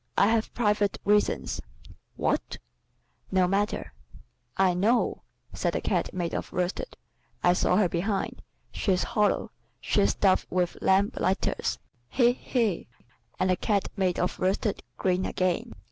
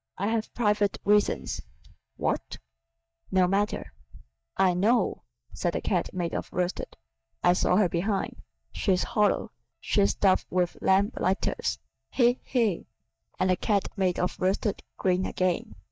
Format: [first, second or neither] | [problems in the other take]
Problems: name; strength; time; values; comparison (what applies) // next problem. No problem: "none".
first | noise reduction (neural mask model DeepFilterNet 3)